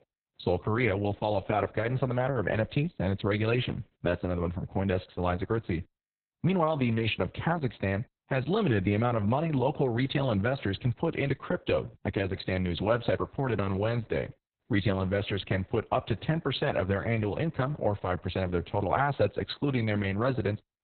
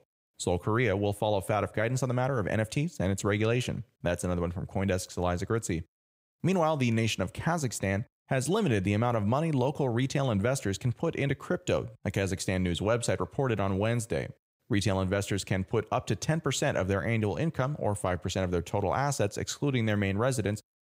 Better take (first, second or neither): second